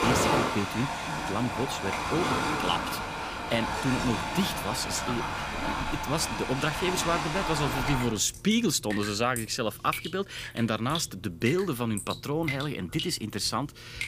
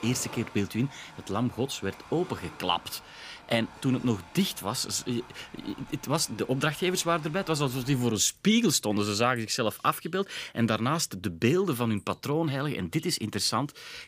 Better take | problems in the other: second | rain or running water; loud; throughout; 2 dB below the speech; faint in the second

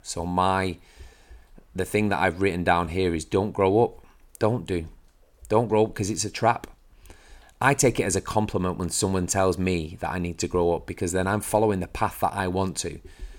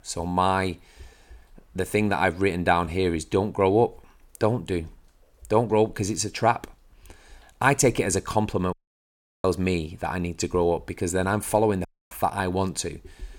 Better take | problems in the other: first | audio cutting out; at 8.5 s for 0.5 s and at 12 s

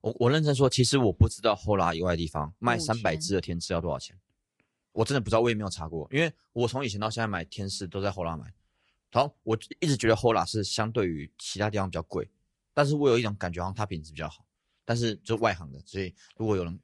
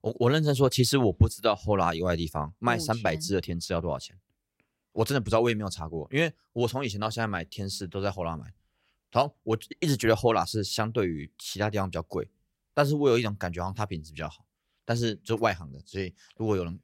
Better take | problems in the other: second | garbled, watery; slightly; nothing above 10.5 kHz

